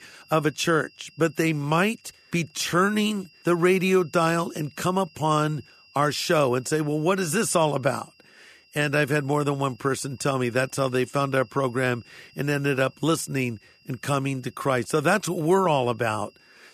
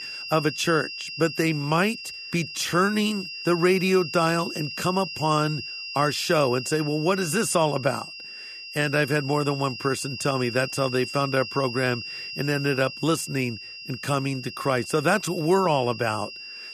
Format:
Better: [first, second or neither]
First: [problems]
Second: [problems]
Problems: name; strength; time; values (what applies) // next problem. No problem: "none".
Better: first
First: high-pitched whine; faint; throughout; 2.5 kHz, 30 dB below the speech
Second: high-pitched whine; loud; throughout; 2.5 kHz, 9 dB below the speech